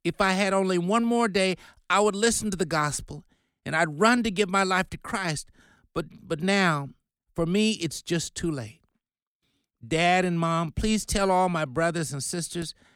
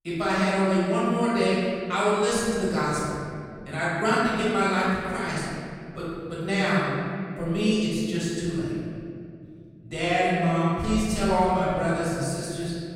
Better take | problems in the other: first | off-mic speech; far // room echo; strong; dies away in 2.3 s

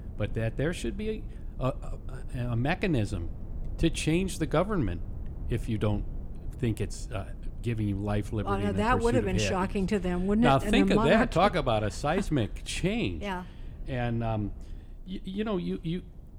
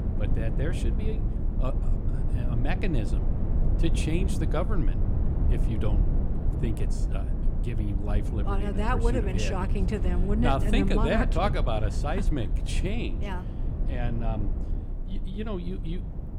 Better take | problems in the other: first | low rumble; loud; throughout; 9 dB below the speech; faint in the first

